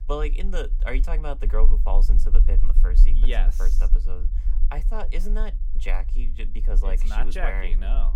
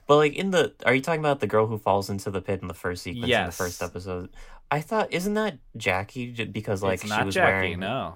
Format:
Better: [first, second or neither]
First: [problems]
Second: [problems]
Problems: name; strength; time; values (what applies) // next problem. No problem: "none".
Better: second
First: low rumble; noticeable; throughout; 15 dB below the speech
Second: none